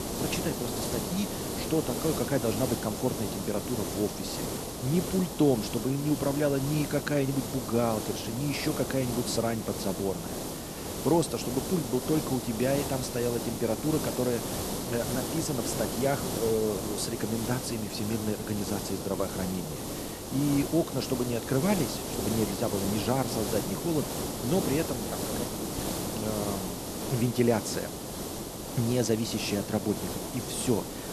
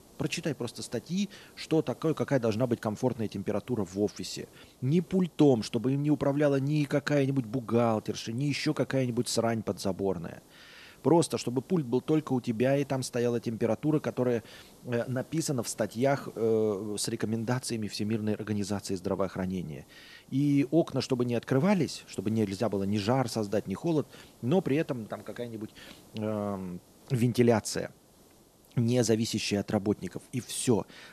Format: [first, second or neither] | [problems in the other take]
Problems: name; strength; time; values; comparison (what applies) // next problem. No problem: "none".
second | hiss; loud; throughout; 3 dB below the speech; faint in the second